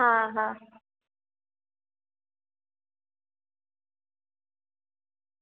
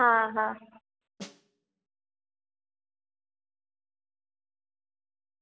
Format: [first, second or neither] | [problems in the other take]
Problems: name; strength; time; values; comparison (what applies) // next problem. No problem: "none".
first | background sound (Snare drum); 14 dB below the speech